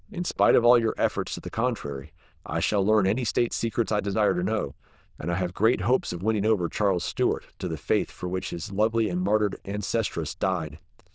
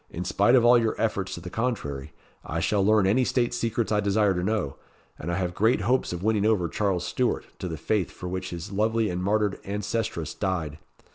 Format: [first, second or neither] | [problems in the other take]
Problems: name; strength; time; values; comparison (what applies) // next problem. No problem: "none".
second | noise reduction (neural diffusion model UNIVERSE++)